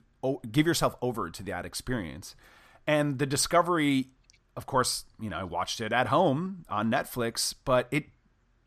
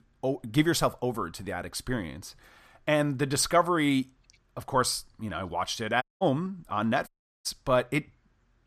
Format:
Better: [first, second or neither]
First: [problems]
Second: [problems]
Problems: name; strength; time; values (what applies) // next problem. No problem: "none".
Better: first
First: none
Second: audio cutting out; at 6 s and at 7 s